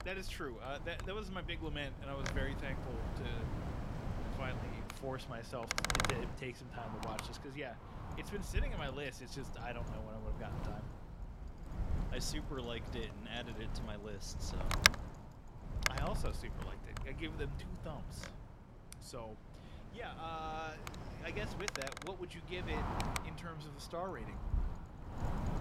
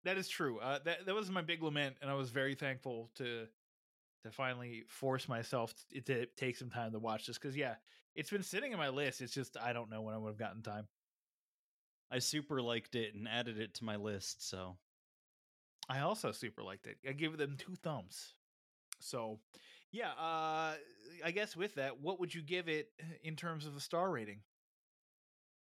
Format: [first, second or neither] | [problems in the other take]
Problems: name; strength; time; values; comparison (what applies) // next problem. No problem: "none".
second | wind noise on the microphone; heavy; 4 dB above the speech